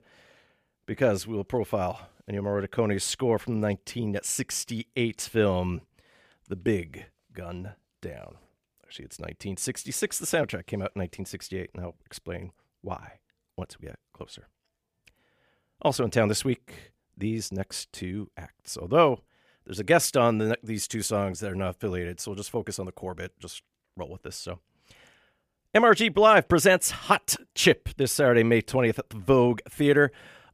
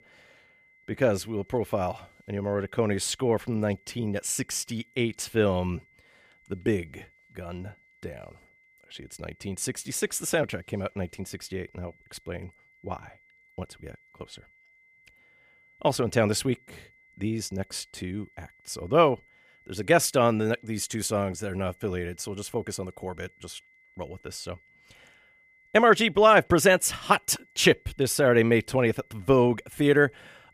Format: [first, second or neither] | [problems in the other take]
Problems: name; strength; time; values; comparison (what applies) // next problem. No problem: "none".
first | high-pitched whine; faint; throughout; 2 kHz, 35 dB below the speech